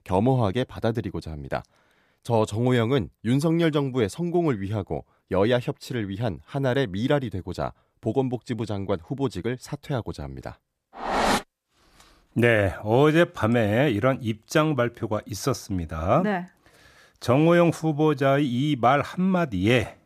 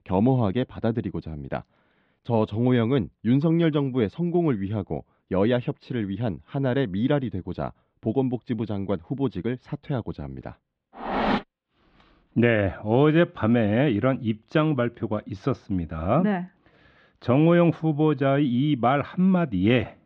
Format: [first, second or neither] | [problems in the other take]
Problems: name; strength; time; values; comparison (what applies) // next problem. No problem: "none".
first | muffled; slightly; fading above 3.5 kHz